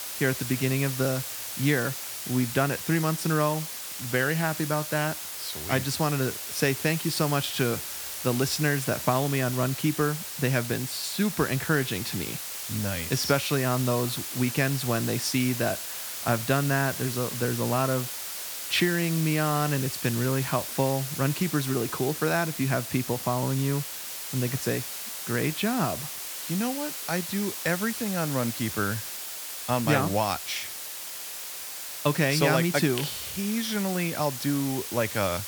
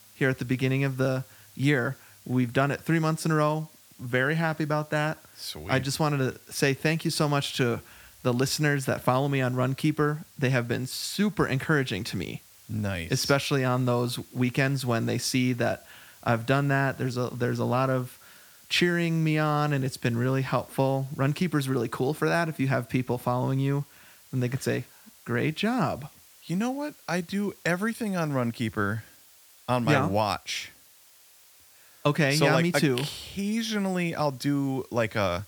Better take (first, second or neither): second